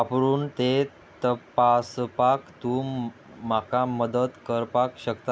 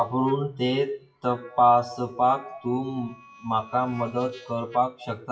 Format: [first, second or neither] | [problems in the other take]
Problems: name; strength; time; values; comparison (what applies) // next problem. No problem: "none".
first | noise reduction (classical method WPE with log-MMSE)